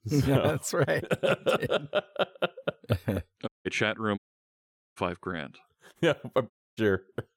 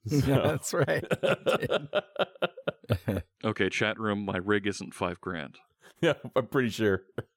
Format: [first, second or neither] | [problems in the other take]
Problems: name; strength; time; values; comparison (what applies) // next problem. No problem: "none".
second | audio cutting out; at 3.5 s, at 4 s for 1 s and at 6.5 s